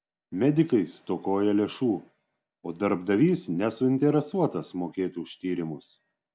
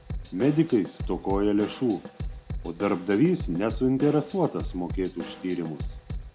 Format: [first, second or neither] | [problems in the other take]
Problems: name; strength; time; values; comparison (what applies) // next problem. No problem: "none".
first | background sound (Drum / Drum kit); 10 dB below the speech